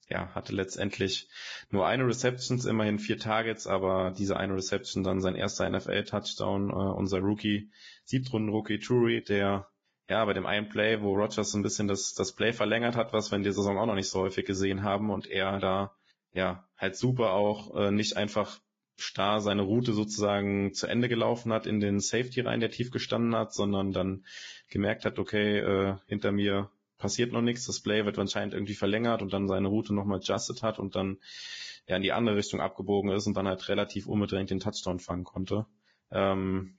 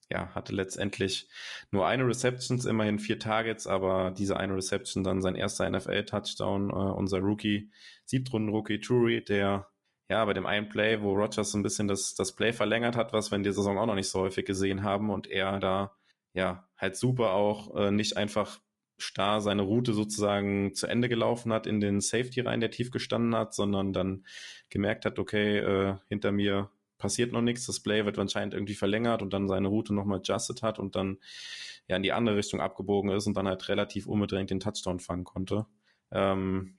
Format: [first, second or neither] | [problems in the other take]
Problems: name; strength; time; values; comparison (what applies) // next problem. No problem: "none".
second | garbled, watery; badly; nothing above 7.5 kHz; slightly in the second